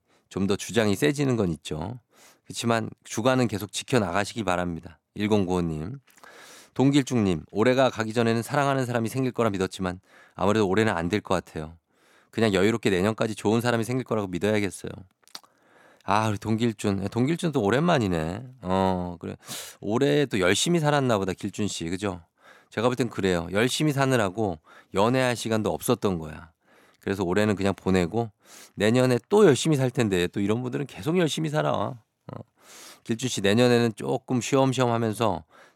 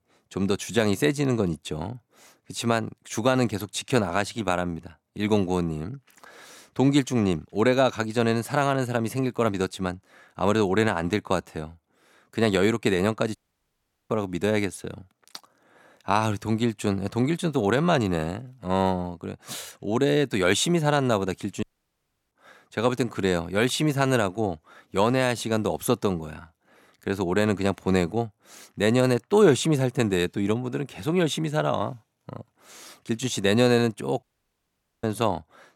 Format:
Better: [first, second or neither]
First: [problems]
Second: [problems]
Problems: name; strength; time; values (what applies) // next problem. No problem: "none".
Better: first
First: none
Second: audio cutting out; at 13 s for 1 s, at 22 s for 0.5 s and at 34 s for 1 s